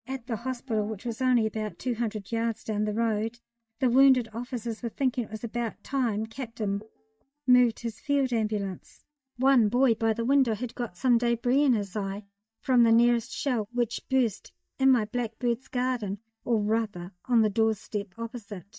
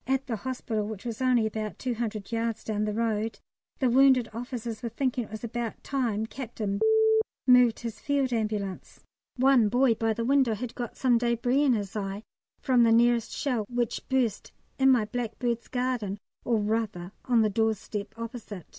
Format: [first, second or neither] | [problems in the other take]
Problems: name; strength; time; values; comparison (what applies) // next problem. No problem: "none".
second | noise reduction (neural mask model DeepFilterNet 3)